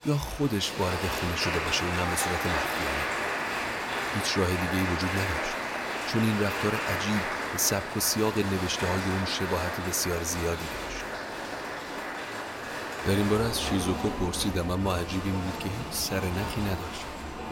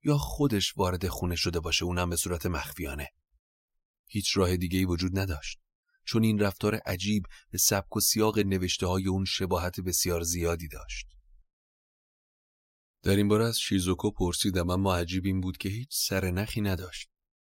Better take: second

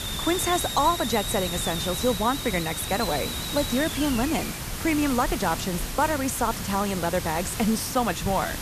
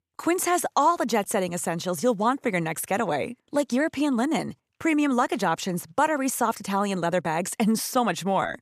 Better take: second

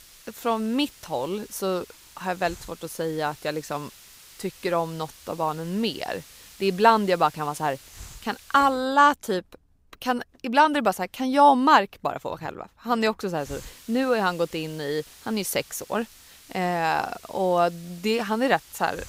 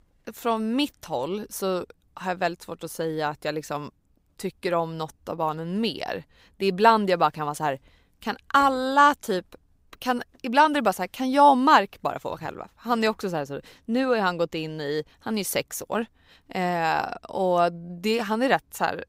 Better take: second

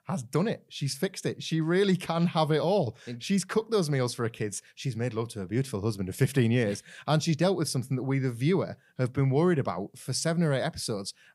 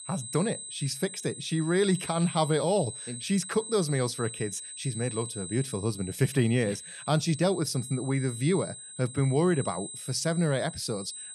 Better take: first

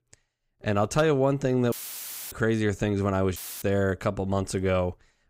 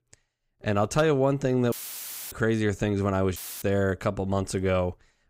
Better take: neither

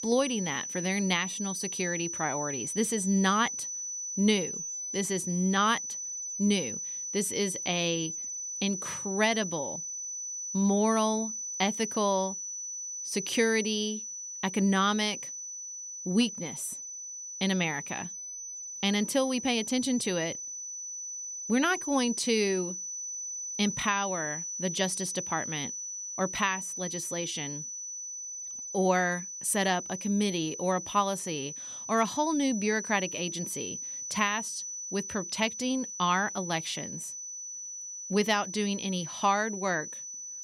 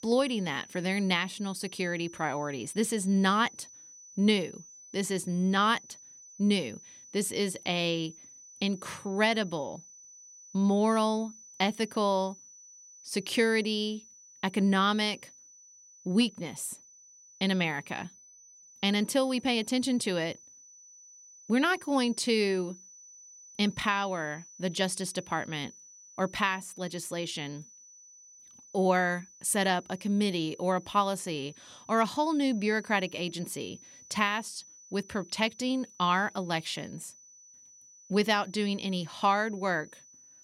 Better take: second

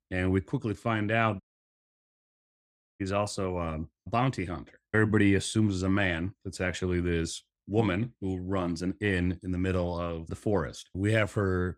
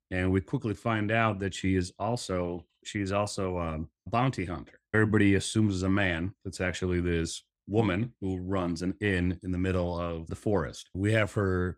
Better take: second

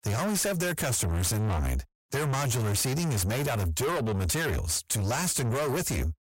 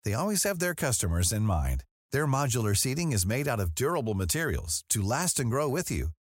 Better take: second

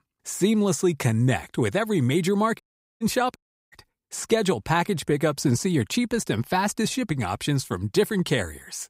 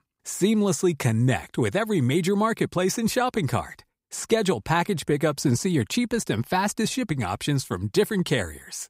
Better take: second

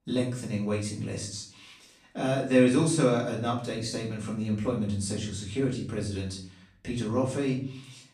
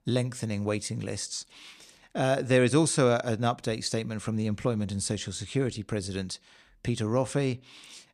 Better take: second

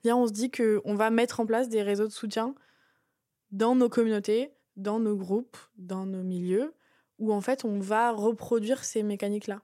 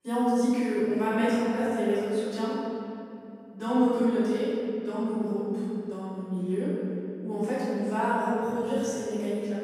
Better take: first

